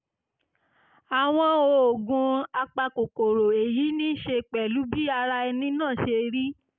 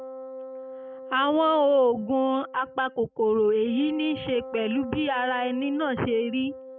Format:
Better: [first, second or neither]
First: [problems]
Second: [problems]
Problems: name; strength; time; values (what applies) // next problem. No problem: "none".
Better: first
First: none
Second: background sound (Wind instrument, woodwind instrument); 14 dB below the speech